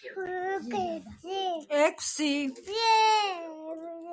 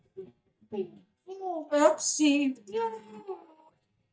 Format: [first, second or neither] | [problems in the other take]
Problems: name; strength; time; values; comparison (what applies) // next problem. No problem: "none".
first | noise reduction (neural mask model DeepFilterNet 3)